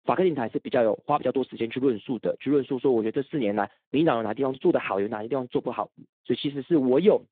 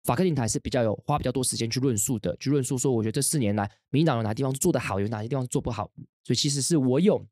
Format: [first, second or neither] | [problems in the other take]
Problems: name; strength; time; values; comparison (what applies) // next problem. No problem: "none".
second | phone-call audio; nothing above 3.5 kHz